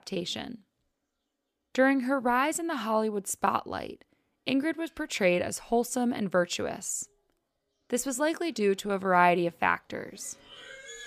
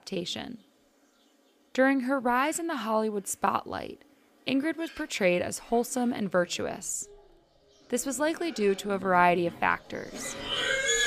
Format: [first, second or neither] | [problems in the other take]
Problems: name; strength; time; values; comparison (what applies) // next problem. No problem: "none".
first | animal sounds; loud; throughout; 6 dB below the speech; faint in the first